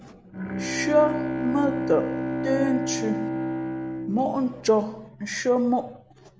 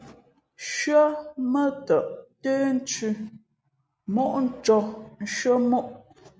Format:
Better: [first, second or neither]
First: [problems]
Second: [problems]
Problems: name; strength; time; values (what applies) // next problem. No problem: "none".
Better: second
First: background sound (Bowed string instrument); 4 dB below the speech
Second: none